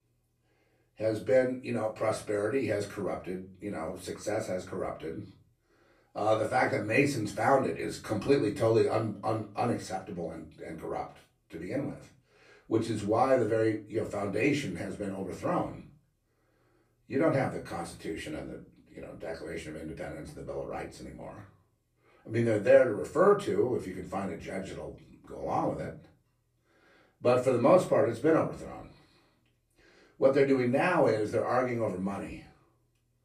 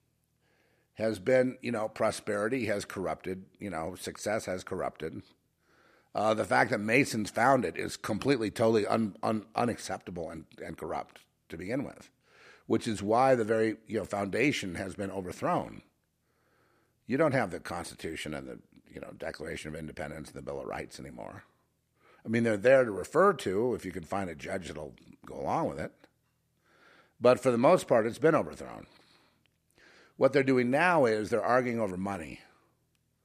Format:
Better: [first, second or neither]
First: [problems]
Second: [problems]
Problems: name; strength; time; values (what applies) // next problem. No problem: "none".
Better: second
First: off-mic speech; far // room echo; slight; dies away in 0.3 s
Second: none